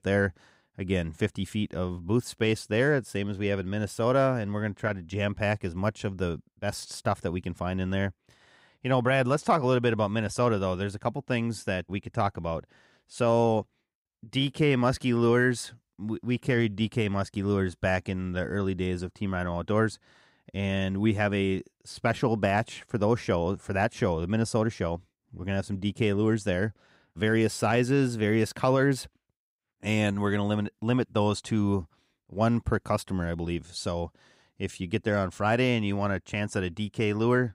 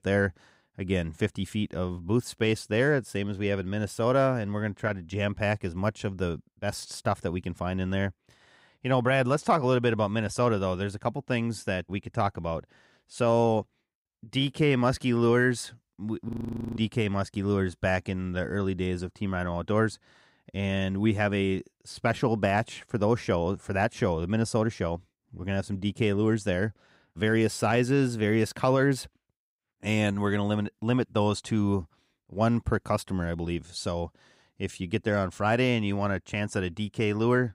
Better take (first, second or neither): first